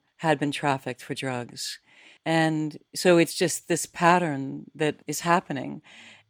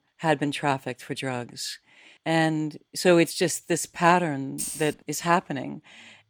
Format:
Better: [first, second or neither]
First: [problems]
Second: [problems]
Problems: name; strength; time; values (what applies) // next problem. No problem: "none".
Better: first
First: none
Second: jangling keys; noticeable; at 4.5 s; peak 6 dB below the speech